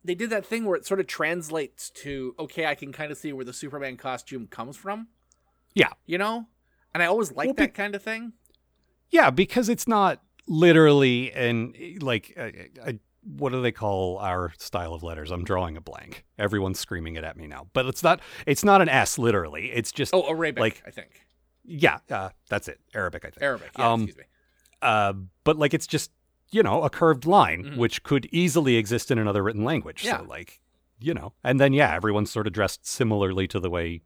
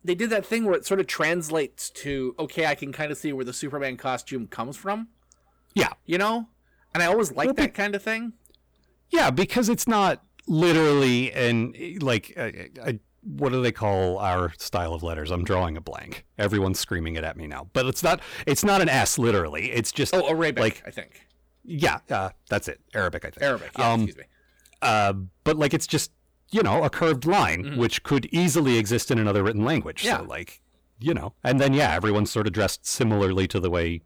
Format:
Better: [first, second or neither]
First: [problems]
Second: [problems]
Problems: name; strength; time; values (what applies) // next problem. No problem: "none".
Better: first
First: none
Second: distortion; heavy; 6 dB below the speech